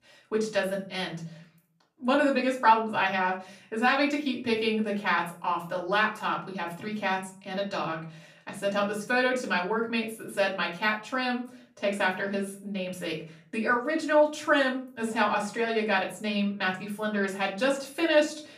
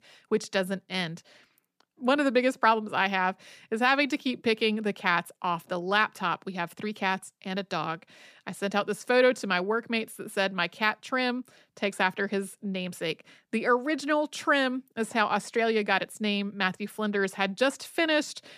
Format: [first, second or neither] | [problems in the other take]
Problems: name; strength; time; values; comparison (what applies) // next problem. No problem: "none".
second | off-mic speech; far // room echo; slight; dies away in 0.4 s